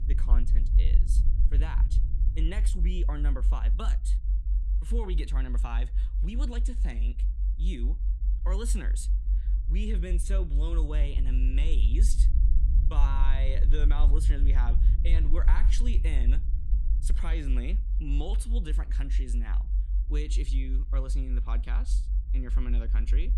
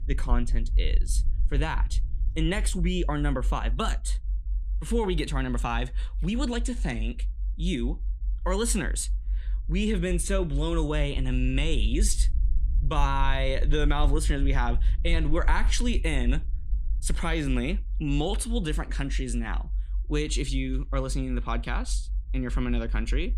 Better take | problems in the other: second | low rumble; loud; throughout; 8 dB below the speech; faint in the second

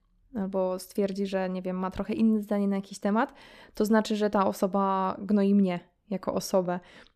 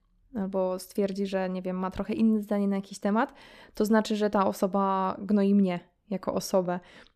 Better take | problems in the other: neither | none

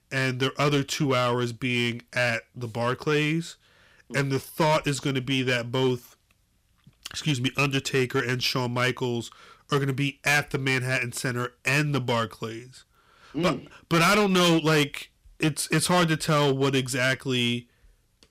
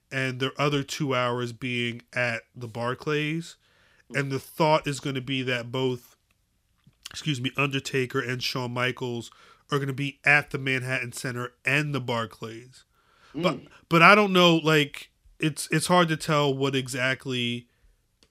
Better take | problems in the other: second | distortion; heavy; 6% of the sound clipped

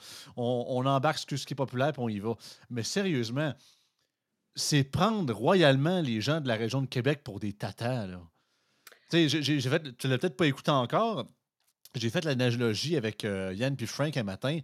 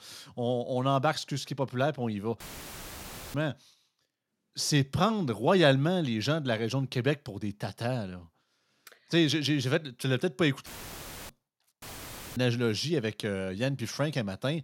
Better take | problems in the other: first | audio cutting out; filled with static; at 2.5 s for 1 s, at 11 s for 0.5 s and at 12 s for 0.5 s

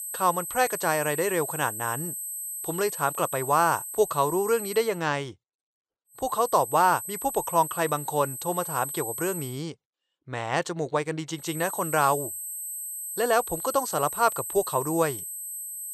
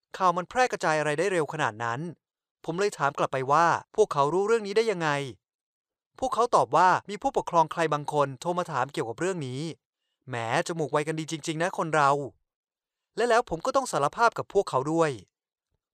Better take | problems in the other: second | high-pitched whine; loud; until 5 s, from 6 to 9.5 s and from 11 s on; 8.5 kHz, 6 dB below the speech

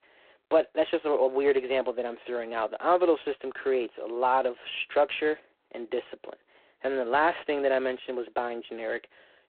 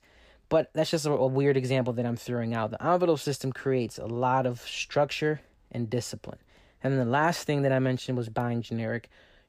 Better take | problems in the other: second | phone-call audio; poor line

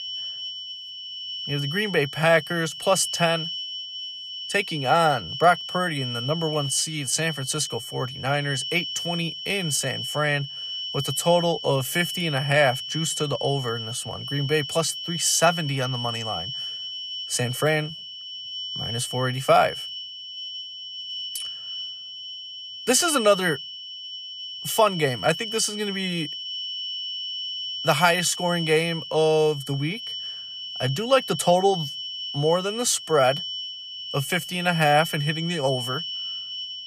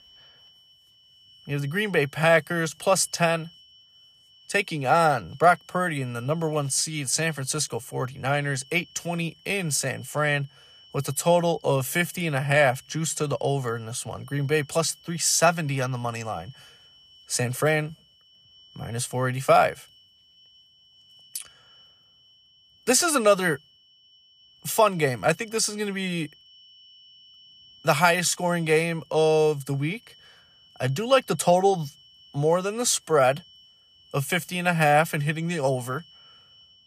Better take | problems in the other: second | high-pitched whine; loud; throughout; 3 kHz, 7 dB below the speech; faint in the second

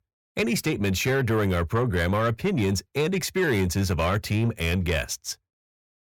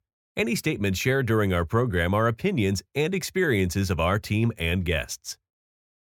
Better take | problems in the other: second | distortion; slight; 10 dB below the speech

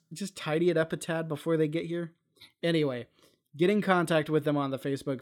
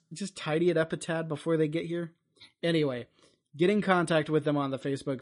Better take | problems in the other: first | garbled, watery; slightly; nothing above 10.5 kHz

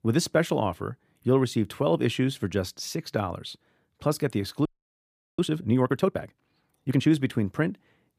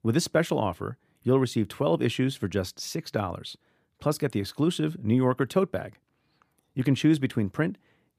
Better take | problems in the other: second | audio freezing; at 4.5 s for 0.5 s

